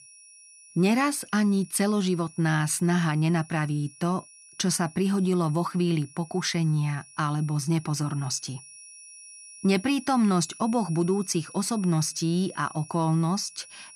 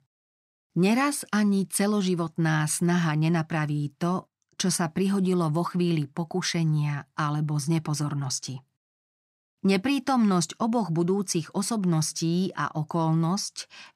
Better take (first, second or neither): second